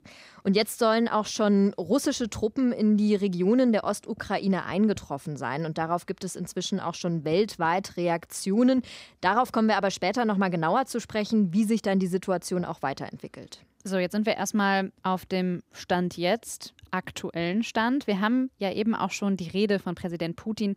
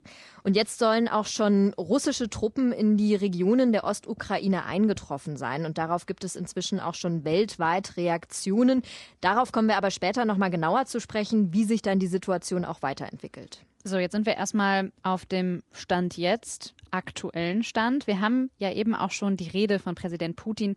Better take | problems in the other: first | garbled, watery; slightly; nothing above 10.5 kHz

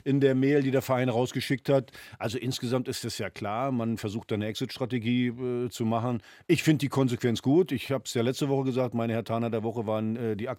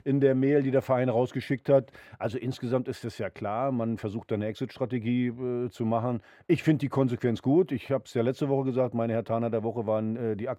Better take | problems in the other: first | muffled; slightly; fading above 3 kHz

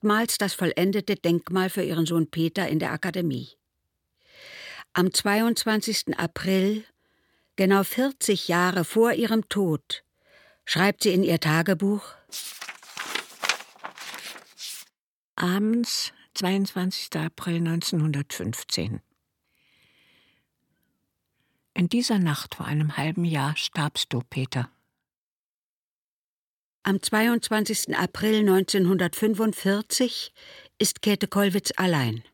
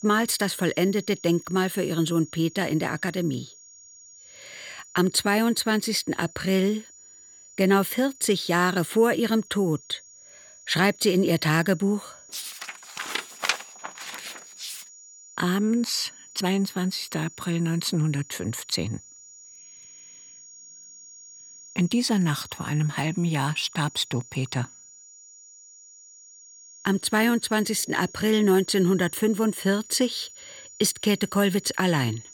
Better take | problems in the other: first | high-pitched whine; noticeable; throughout; 7 kHz, 20 dB below the speech

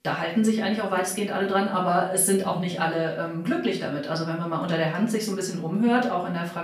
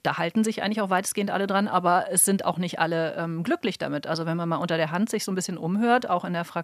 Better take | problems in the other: second | off-mic speech; far // room echo; slight; dies away in 0.5 s

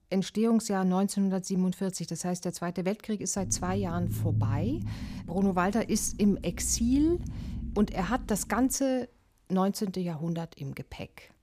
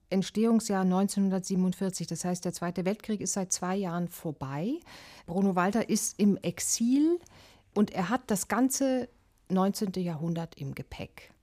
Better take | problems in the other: second | low rumble; noticeable; from 3.5 to 8.5 s; 15 dB below the speech

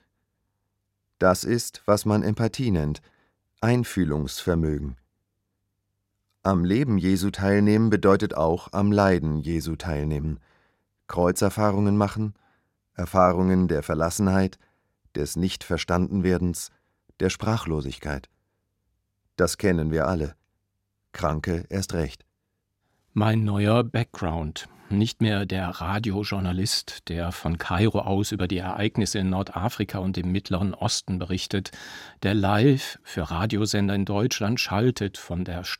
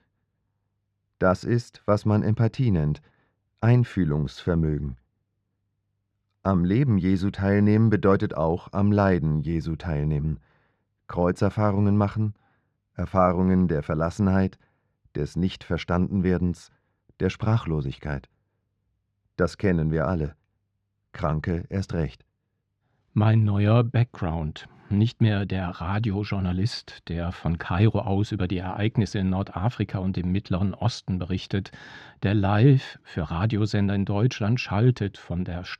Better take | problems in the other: first | muffled; slightly; fading above 3.5 kHz

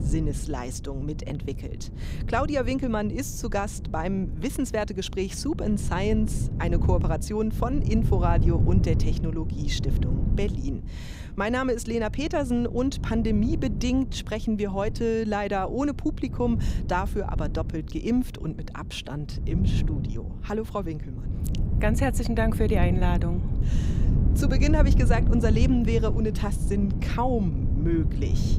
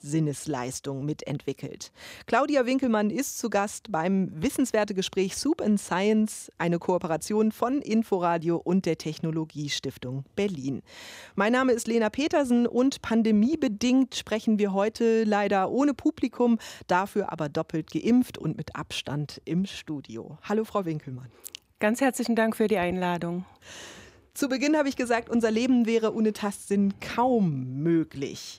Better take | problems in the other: second | wind noise on the microphone; occasional gusts; 10 dB below the speech

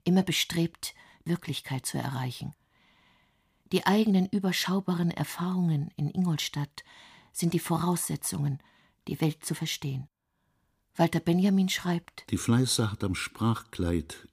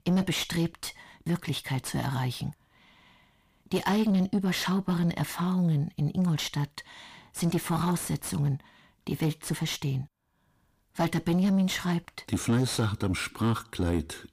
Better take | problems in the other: first | distortion; slight; 9 dB below the speech

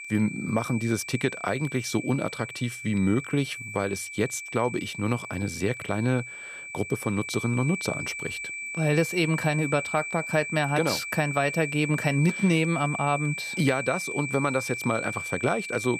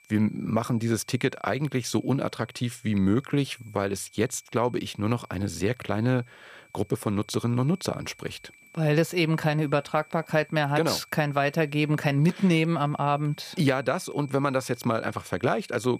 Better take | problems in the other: second | high-pitched whine; loud; throughout; 2.5 kHz, 6 dB below the speech; faint in the second

